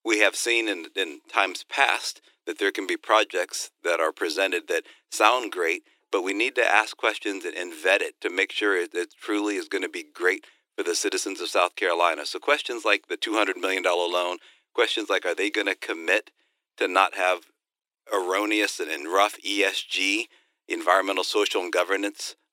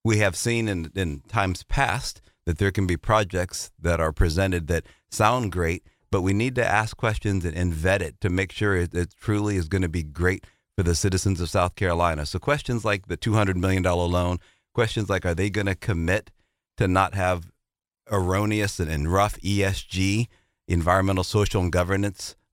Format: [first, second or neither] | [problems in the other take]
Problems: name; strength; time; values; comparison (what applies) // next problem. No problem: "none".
second | thin; very; fading below 300 Hz